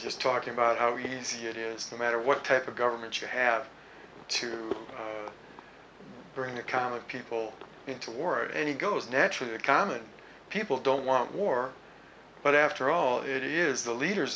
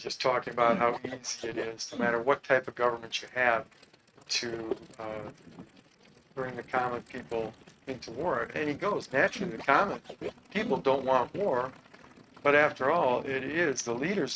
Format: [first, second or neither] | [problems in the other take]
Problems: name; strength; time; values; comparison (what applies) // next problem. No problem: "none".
first | noise reduction (neural mask model RNNoise)